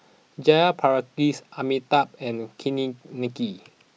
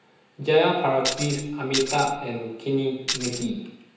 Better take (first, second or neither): first